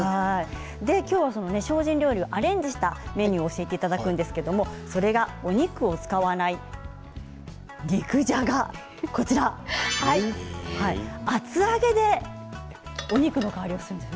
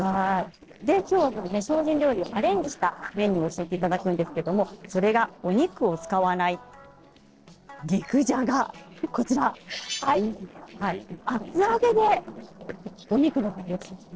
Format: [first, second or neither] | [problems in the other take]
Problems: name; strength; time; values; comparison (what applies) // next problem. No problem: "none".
first | noise reduction (neural separator model SepFormer DNS4)